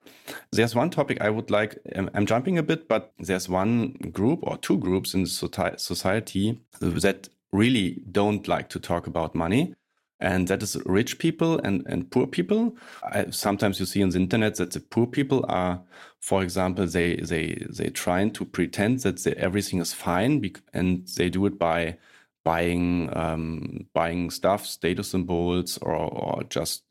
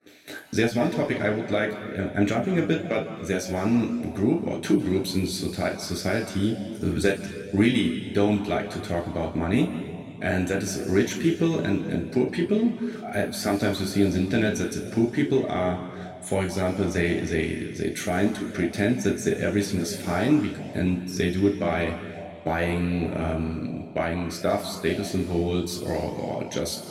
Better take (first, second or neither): first